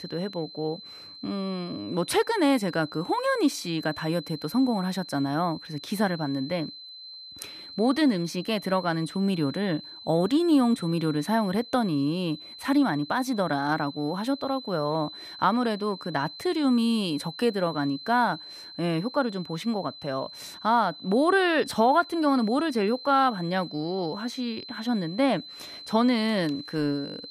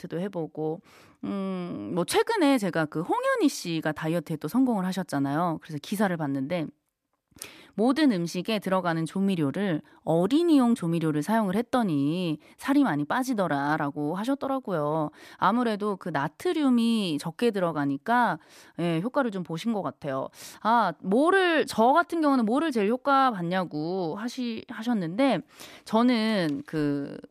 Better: second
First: high-pitched whine; noticeable; throughout; 4 kHz, 15 dB below the speech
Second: none

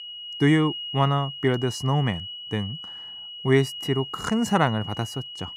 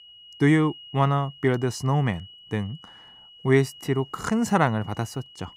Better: second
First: high-pitched whine; loud; throughout; 3 kHz, 10 dB below the speech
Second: high-pitched whine; faint; throughout; 3 kHz, 20 dB below the speech

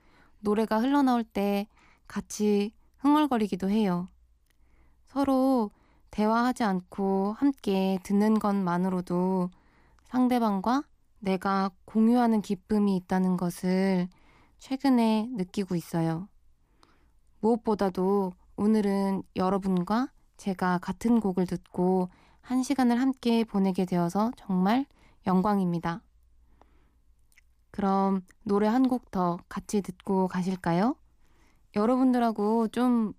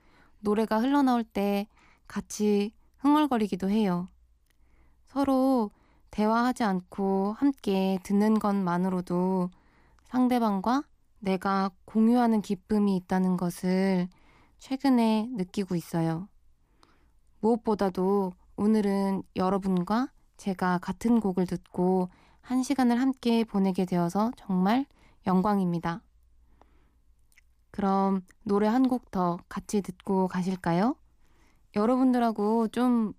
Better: neither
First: none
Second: none

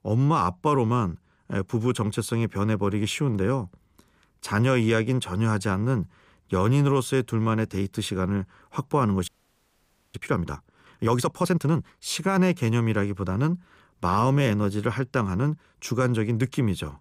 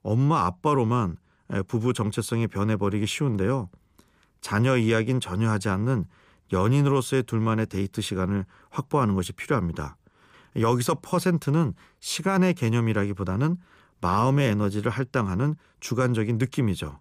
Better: second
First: audio freezing; at 9.5 s for 1 s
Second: none

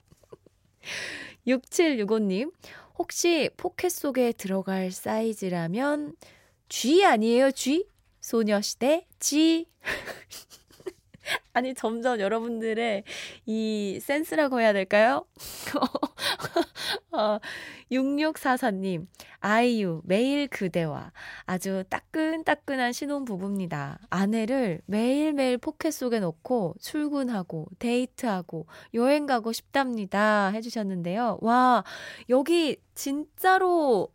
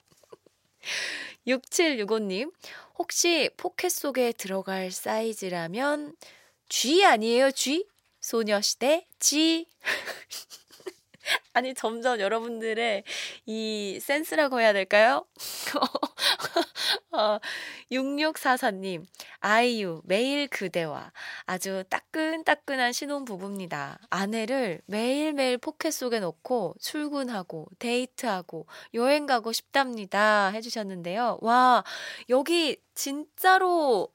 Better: first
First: none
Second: thin; very slightly; fading below 1 kHz

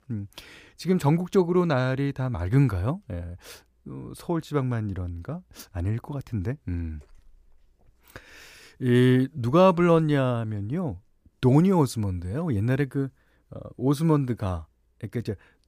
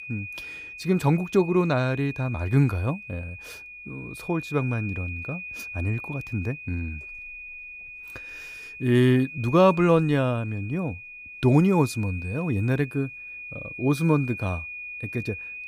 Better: first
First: none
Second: high-pitched whine; noticeable; throughout; 2.5 kHz, 10 dB below the speech

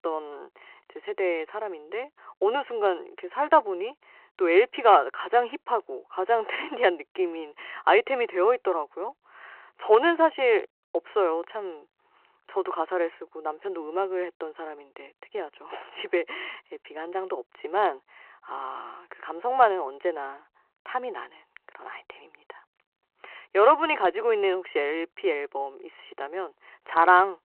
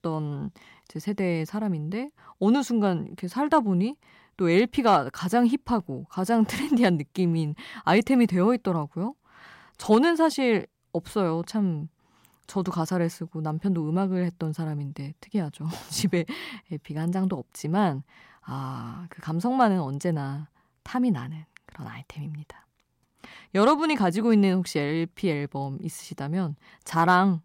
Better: second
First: phone-call audio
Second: none

